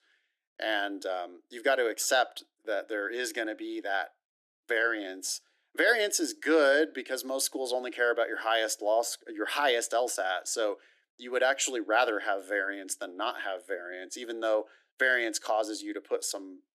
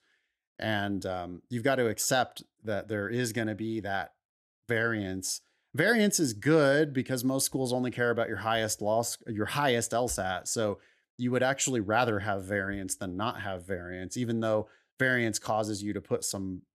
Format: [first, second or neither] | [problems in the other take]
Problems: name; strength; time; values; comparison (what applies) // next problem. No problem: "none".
second | thin; very; fading below 300 Hz